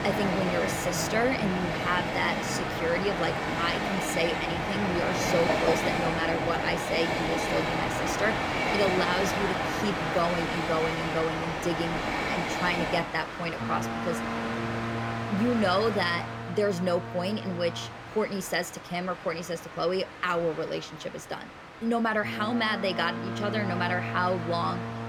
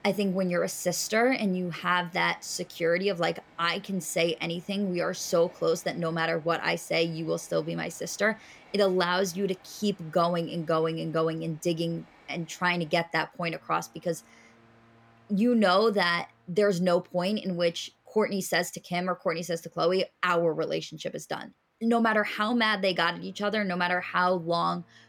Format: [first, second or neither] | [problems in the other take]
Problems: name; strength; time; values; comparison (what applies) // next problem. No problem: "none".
second | train or aircraft noise; loud; throughout; as loud as the speech; faint in the second